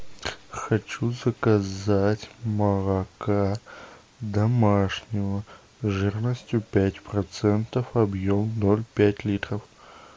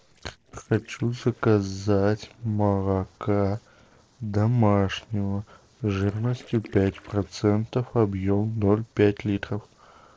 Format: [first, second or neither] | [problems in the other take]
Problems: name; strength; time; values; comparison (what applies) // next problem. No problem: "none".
first | noise reduction (neural separator model SepFormer DNS4)